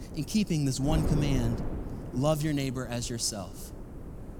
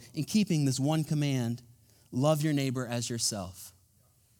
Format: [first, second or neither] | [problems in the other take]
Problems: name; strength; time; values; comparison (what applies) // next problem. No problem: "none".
second | wind noise on the microphone; occasional gusts; 10 dB below the speech